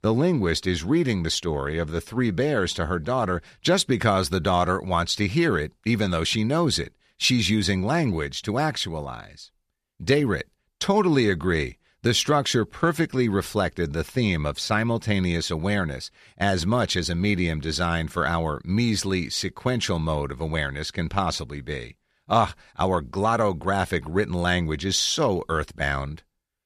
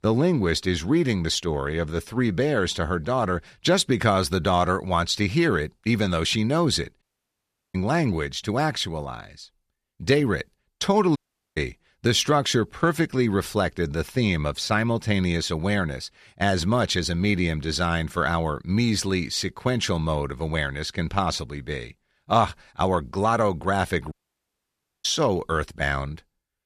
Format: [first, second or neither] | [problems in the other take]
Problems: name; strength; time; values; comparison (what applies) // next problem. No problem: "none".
first | audio cutting out; at 7 s for 0.5 s, at 11 s and at 24 s for 1 s